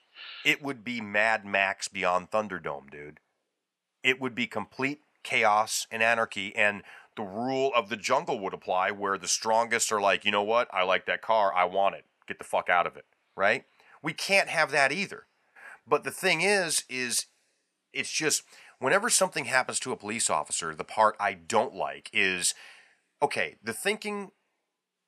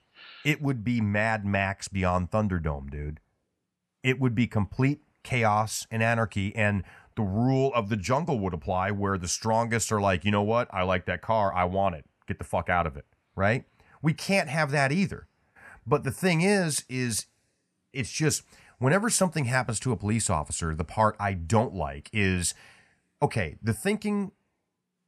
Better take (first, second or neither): second